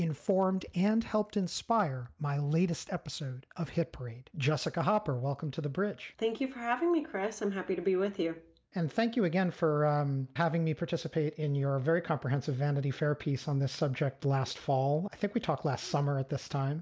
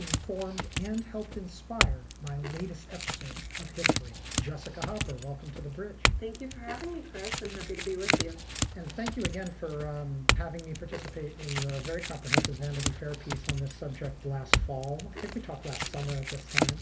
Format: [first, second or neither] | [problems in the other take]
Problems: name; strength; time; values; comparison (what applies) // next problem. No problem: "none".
first | background sound (Chink, clink / Domestic sounds, home sounds); 4 dB above the speech // room echo; dies away in 0.3 s